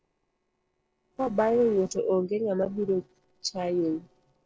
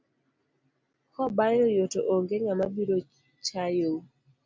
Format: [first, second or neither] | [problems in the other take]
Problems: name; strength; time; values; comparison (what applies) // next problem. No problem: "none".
second | noise reduction (neural separator model SepFormer DNS4)